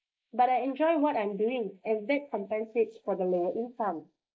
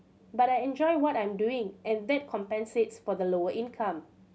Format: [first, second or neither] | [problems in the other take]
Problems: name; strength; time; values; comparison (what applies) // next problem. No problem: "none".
second | noise reduction (neural mask model Resemble Enhance denoiser)